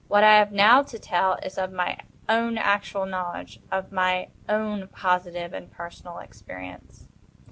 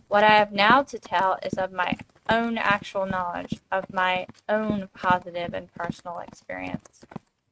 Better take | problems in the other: first | noise reduction (neural mask model RNNoise)

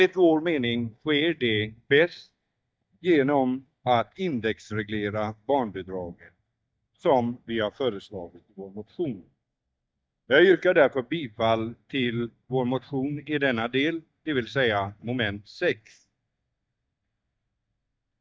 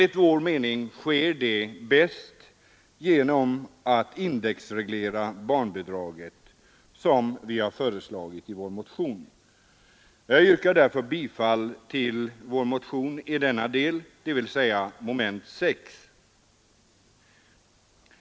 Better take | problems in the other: second | noise reduction (neural mask model DeepFilterNet 3)

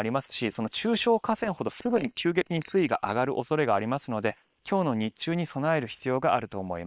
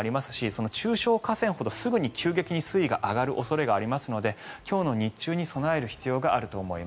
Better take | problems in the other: second | noise reduction (neural separator model SepFormer WHAM!)

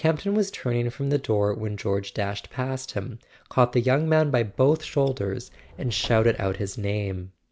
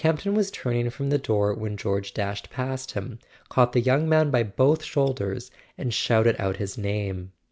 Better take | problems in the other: second | background sound (Subway, metro, underground); 20 dB below the speech

